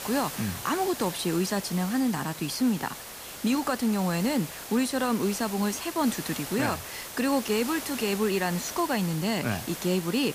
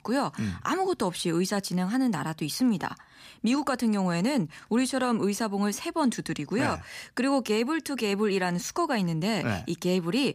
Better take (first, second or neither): second